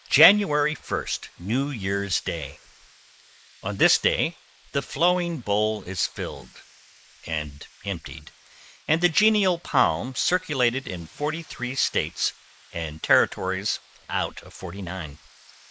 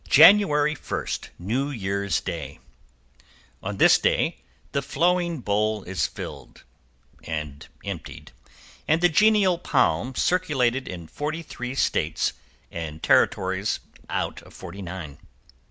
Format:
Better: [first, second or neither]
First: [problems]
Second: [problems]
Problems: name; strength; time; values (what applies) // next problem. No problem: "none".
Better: second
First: noise reduction (neural mask model Resemble Enhance denoiser)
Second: none